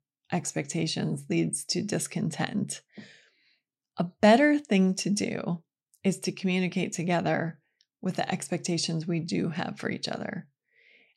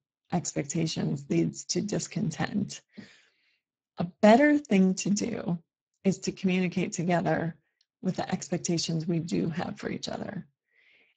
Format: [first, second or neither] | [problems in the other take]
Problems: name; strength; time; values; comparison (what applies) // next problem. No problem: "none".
first | garbled, watery; badly; nothing above 7.5 kHz